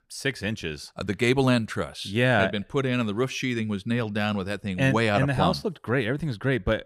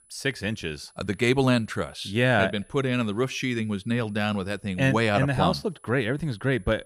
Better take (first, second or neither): first